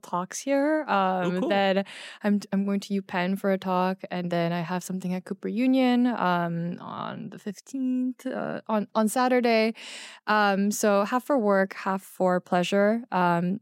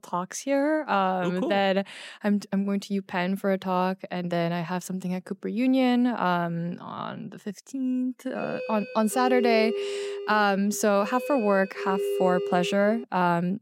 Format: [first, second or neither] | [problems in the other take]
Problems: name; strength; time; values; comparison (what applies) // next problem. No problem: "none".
first | doorbell; noticeable; from 8.5 to 13 s; peak 2 dB below the speech